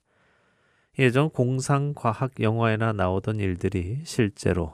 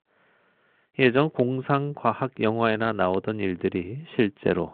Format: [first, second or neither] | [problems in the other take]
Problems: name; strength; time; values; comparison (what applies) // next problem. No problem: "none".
first | phone-call audio; nothing above 4 kHz